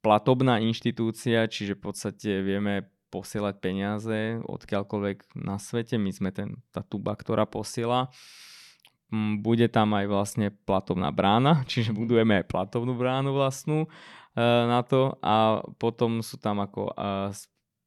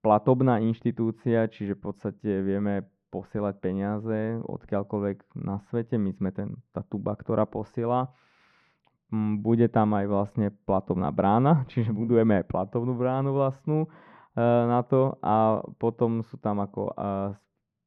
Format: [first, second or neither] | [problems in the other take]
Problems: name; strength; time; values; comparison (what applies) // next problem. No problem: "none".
first | muffled; very; fading above 3.5 kHz